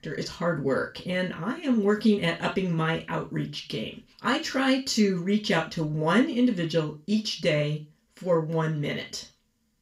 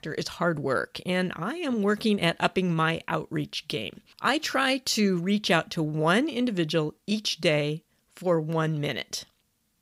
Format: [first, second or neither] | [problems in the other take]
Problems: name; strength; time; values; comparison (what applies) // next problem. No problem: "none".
second | room echo; slight; dies away in 0.3 s // off-mic speech; somewhat distant